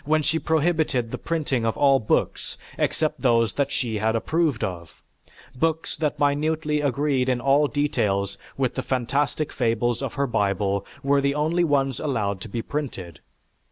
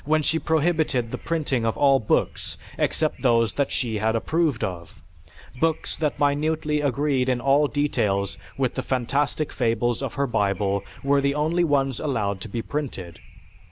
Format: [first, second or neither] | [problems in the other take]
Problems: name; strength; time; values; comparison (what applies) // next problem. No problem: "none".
first | background sound (Subway, metro, underground / Wind); 19 dB below the speech